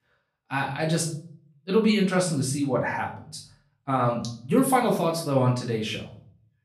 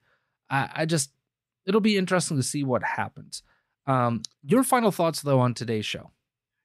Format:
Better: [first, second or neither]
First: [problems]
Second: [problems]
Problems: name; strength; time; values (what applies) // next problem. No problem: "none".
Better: second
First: room echo; slight; dies away in 0.4 s // off-mic speech; far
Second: none